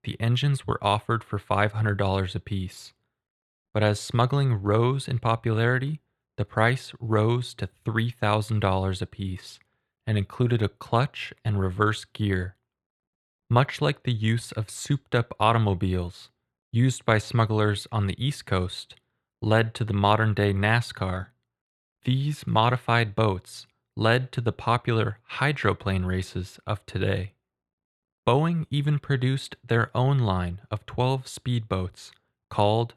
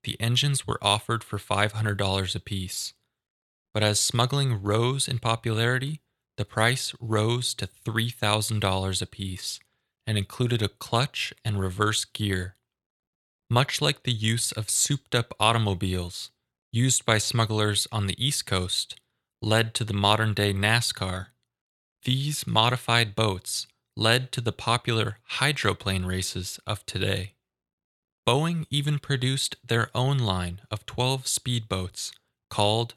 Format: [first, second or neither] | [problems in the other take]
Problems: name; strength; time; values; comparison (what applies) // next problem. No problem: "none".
second | muffled; slightly; fading above 3 kHz